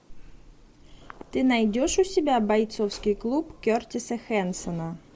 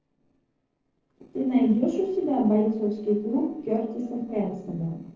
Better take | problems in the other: first | noise reduction (neural separator model SepFormer DNS4)

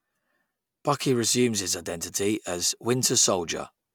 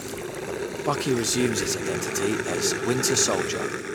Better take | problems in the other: first | background sound (Growling); 1 dB below the speech

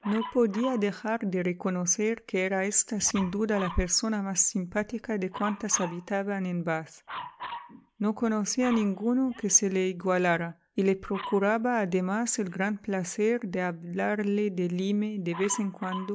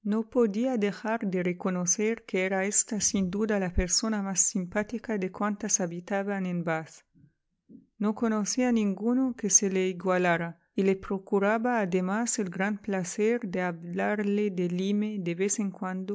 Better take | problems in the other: second | background sound (Dog); 17 dB below the speech

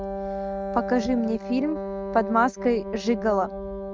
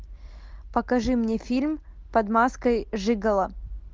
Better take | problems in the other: second | noise reduction (neural mask model RNNoise)

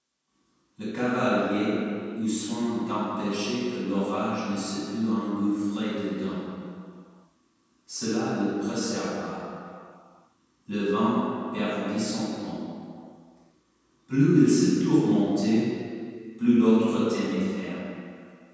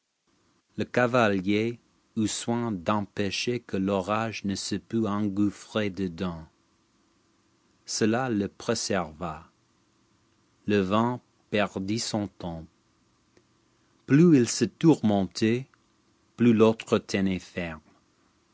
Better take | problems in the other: second | room echo; dies away in 2.1 s

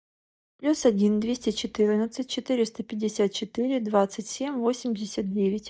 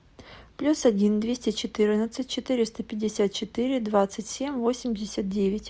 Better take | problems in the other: second | noise reduction (neural mask model DeepFilterNet 3)

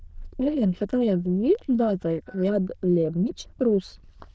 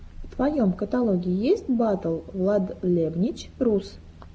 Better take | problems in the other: second | noise reduction (neural diffusion model UNIVERSE++)

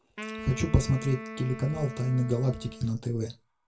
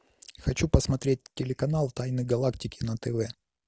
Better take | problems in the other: second | background sound (Wind instrument, woodwind instrument); 12 dB below the speech // room echo; dies away in 0.2 s

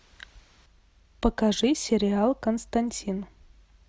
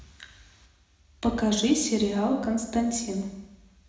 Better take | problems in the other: first | room echo; dies away in 0.9 s

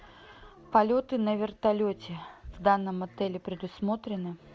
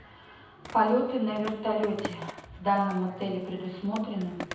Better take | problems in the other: first | background sound (Skateboard); 15 dB below the speech // room echo; dies away in 0.9 s

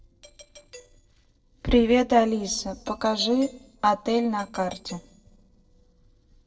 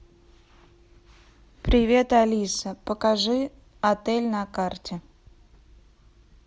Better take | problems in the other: second | noise reduction (neural separator model SepFormer DNS4)

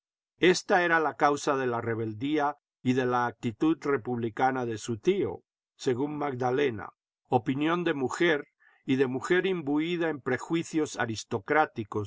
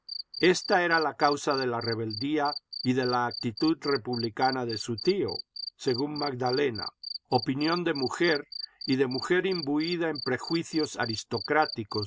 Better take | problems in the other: first | background sound (Cricket); 11 dB below the speech

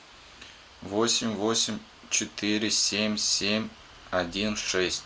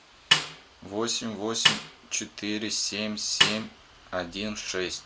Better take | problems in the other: first | background sound (Snare drum); 3 dB above the speech

